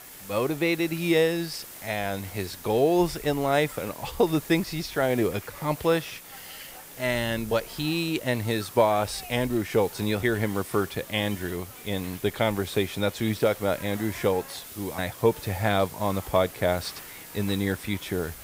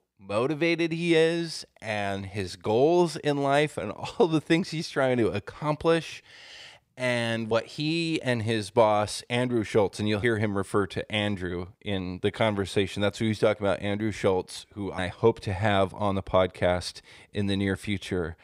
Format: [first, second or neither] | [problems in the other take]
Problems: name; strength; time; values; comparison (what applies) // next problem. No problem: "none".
second | hiss; noticeable; throughout; 15 dB below the speech